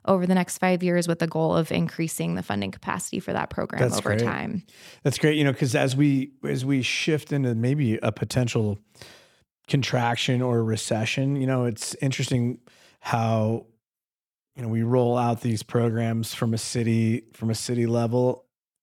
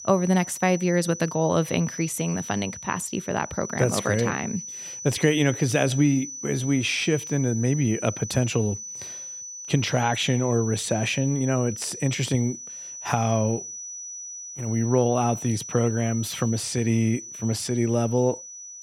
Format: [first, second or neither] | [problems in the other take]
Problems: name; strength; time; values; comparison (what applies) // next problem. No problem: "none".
first | high-pitched whine; noticeable; throughout; 6 kHz, 10 dB below the speech